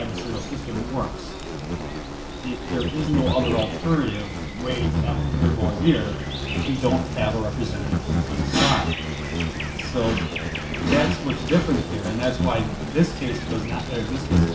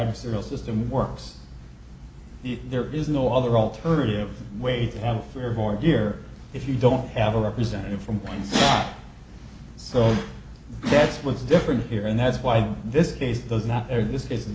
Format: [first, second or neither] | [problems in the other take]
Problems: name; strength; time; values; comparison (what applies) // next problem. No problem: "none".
second | background sound (Insect); 1 dB below the speech // room echo; dies away in 0.2 s